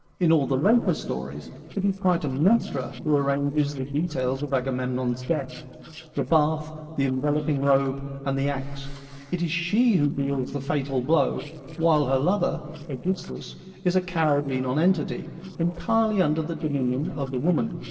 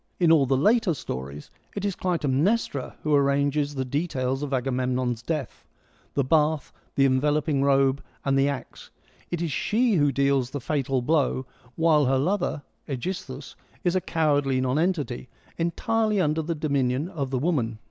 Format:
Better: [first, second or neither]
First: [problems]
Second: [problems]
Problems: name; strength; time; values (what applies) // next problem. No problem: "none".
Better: second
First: noise reduction (neural separator model SepFormer DNS4)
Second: none